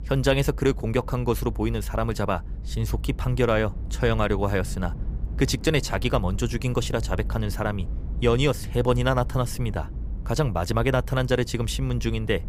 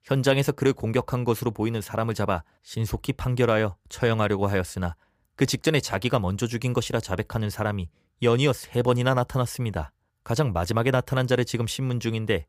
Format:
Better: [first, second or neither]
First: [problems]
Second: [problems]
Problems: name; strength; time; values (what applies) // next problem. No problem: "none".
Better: second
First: low rumble; faint; throughout; 20 dB below the speech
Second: none